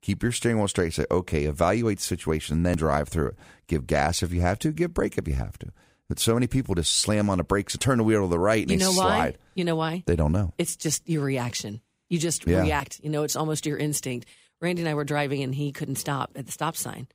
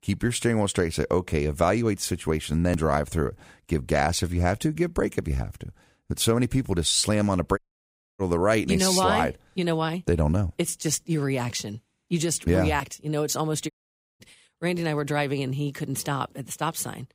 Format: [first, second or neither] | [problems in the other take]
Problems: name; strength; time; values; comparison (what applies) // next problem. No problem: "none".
first | audio cutting out; at 7.5 s for 0.5 s and at 14 s